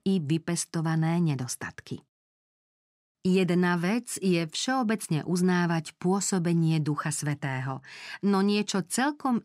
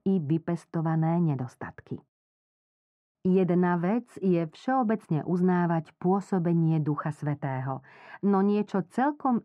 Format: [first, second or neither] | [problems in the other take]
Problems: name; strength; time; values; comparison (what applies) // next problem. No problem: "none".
first | muffled; very; fading above 2.5 kHz